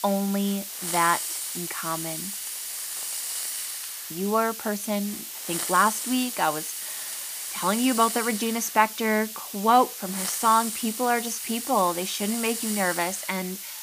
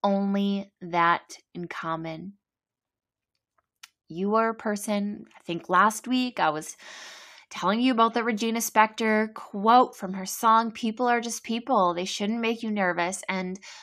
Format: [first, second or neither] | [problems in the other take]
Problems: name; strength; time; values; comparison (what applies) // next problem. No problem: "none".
second | hiss; loud; throughout; 5 dB below the speech